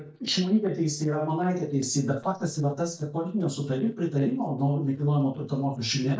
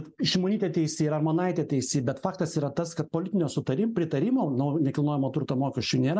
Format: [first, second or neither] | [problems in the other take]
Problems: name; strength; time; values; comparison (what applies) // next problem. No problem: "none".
second | noise reduction (neural mask model DeepFilterNet 3)